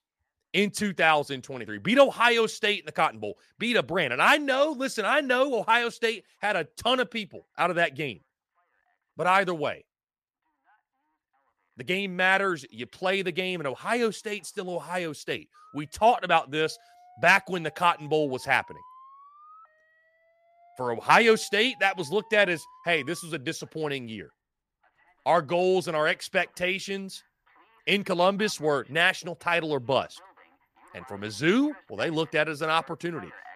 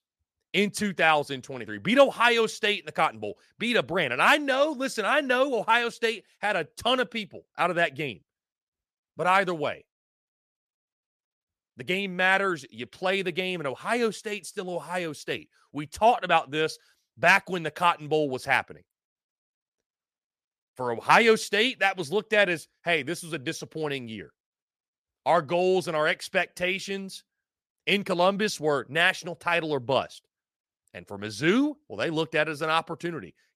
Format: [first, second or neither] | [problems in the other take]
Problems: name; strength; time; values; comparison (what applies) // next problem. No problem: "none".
second | alarms or sirens; faint; throughout; 30 dB below the speech